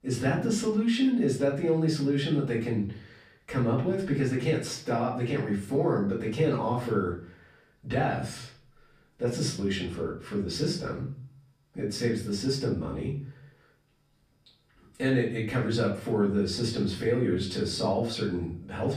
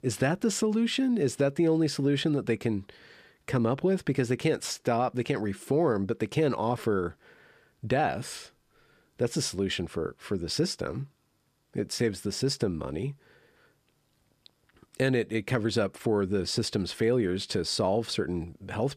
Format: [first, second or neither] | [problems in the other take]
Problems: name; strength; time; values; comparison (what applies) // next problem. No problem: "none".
second | off-mic speech; far // room echo; slight; dies away in 0.5 s